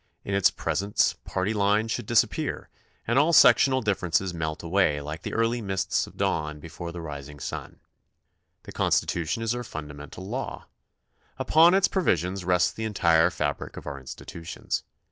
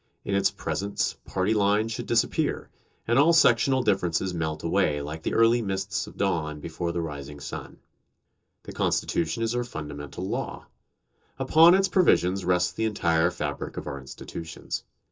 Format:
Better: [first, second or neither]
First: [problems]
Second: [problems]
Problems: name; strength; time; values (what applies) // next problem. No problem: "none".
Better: first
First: none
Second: room echo; dies away in 0.2 s